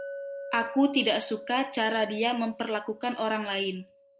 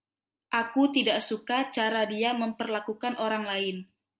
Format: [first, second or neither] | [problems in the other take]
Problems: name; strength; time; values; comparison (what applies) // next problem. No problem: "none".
second | background sound (Chink, clink); 14 dB below the speech